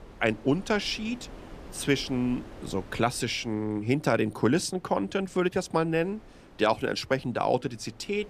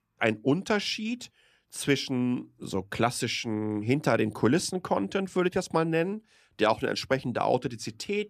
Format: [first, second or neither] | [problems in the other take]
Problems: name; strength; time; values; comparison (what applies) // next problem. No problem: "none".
second | wind noise on the microphone; occasional gusts; 20 dB below the speech